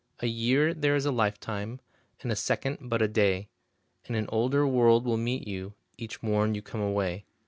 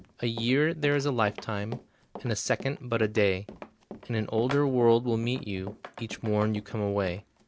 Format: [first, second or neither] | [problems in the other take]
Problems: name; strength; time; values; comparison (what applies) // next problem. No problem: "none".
first | background sound (Run); 17 dB below the speech